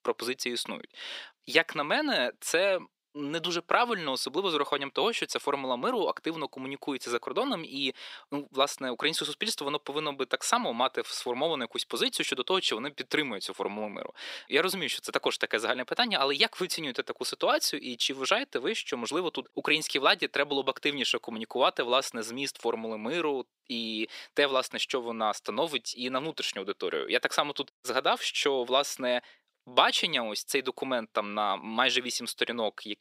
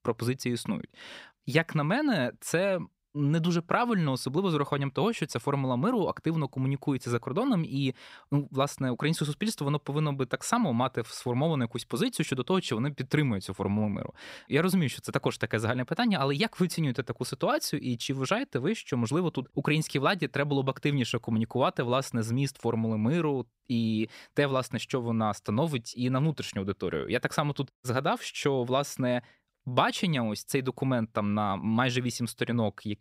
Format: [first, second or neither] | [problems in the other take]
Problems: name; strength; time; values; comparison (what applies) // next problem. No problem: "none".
second | thin; somewhat; fading below 350 Hz